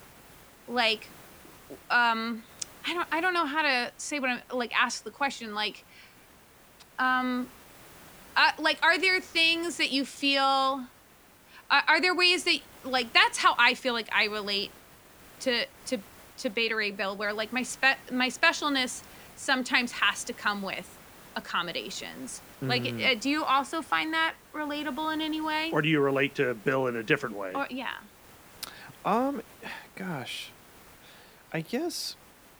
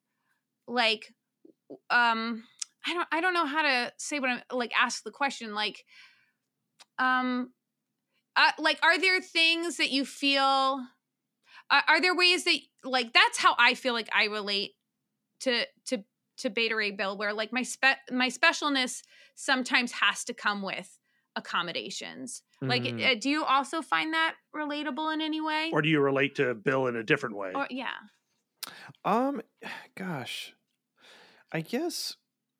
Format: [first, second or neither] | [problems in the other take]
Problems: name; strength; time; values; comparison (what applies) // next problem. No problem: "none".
second | hiss; faint; throughout; 25 dB below the speech